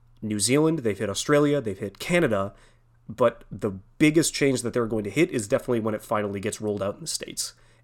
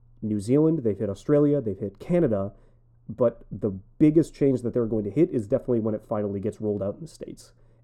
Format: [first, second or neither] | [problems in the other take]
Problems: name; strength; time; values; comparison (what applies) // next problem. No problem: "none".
first | muffled; very; fading above 1 kHz